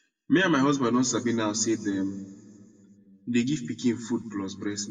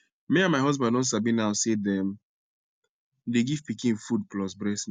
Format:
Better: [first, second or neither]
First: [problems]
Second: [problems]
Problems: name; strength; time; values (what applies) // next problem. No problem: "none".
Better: second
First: room echo; dies away in 1.2 s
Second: none